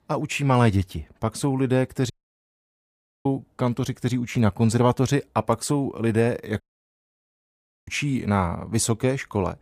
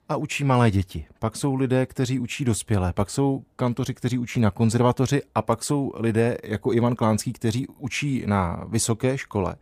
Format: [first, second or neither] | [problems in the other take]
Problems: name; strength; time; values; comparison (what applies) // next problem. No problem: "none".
second | audio cutting out; at 2 s for 1 s and at 6.5 s for 1.5 s